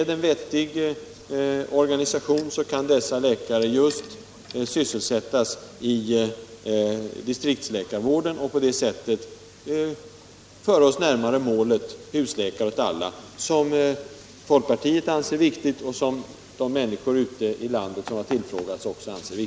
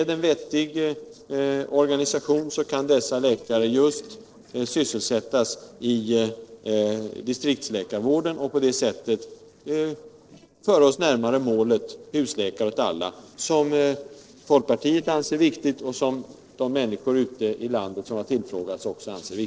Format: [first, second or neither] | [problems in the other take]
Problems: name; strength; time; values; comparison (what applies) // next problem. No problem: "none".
first | noise reduction (neural separator model SepFormer DNS4)